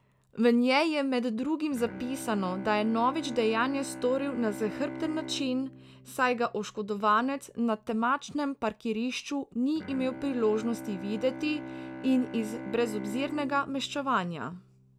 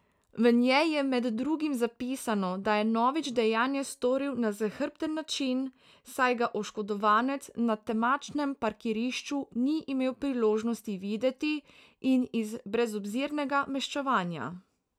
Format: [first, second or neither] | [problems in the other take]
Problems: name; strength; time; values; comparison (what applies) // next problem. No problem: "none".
second | background sound (Bowed string instrument); 13 dB below the speech